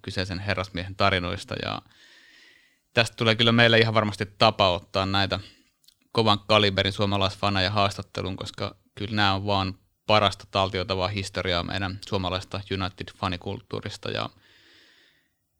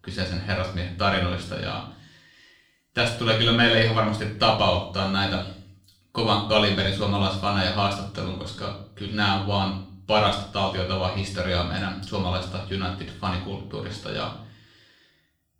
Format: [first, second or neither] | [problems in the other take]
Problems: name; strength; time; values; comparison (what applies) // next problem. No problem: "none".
first | off-mic speech; far // room echo; noticeable; dies away in 0.5 s